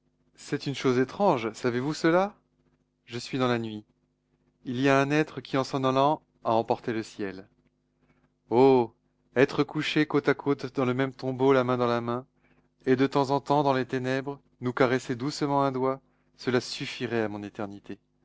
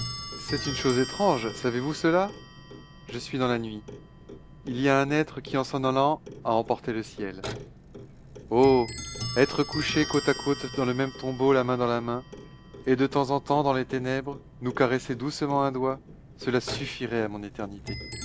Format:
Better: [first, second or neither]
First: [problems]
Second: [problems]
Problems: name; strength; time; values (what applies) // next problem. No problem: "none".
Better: first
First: none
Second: background sound (Clock); 13 dB below the speech